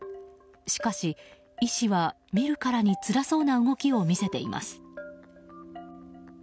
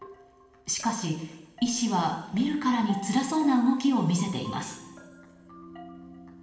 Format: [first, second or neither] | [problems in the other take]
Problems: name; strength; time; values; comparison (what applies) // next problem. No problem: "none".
first | room echo; dies away in 1.1 s